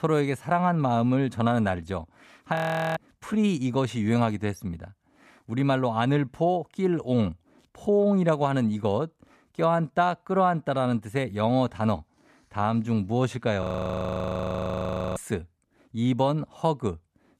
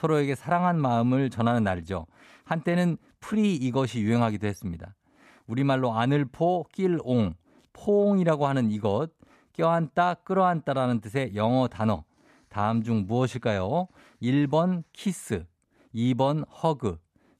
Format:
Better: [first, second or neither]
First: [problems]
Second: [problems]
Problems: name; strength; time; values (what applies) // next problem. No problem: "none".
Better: second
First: audio freezing; at 2.5 s and at 14 s for 1.5 s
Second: none